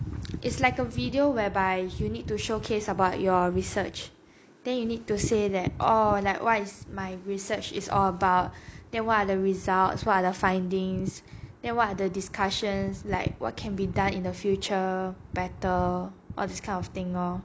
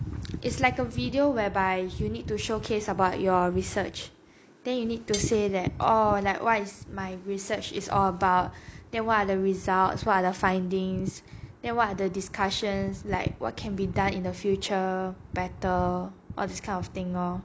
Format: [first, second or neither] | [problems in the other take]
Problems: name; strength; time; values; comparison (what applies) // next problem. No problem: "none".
first | background sound (Cutlery, silverware); 15 dB below the speech